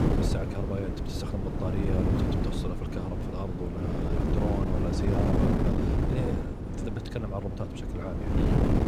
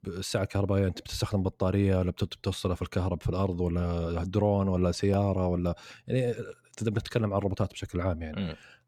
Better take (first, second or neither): second